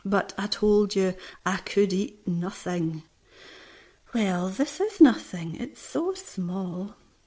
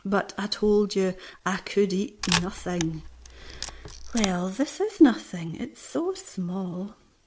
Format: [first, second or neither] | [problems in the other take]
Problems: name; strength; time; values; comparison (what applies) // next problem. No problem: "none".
first | background sound (Camera); 6 dB below the speech